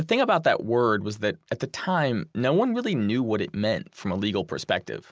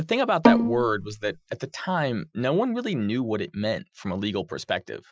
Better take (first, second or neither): first